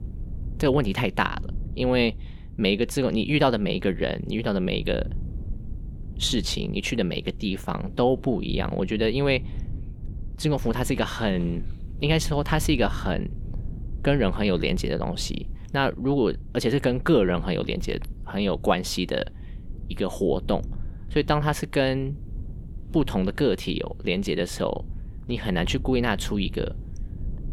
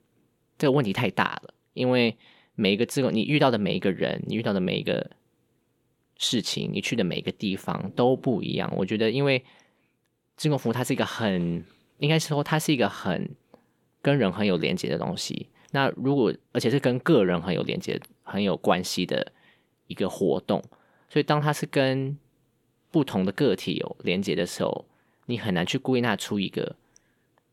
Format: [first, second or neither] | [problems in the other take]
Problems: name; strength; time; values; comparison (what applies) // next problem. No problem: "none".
second | low rumble; faint; throughout; 25 dB below the speech